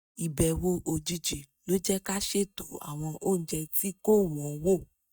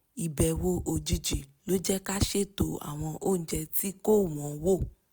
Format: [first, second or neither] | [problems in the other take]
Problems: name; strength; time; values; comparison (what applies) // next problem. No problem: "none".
second | noise reduction (neural mask model DeepFilterNet 3)